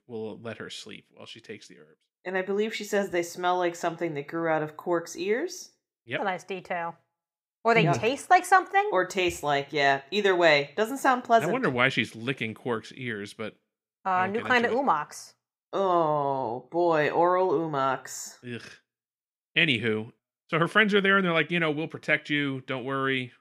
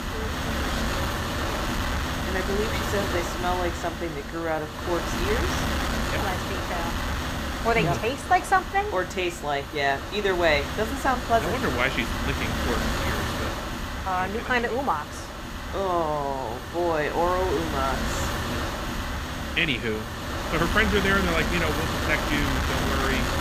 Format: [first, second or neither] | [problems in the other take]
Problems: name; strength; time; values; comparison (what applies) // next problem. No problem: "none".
first | wind noise on the microphone; heavy; 4 dB below the speech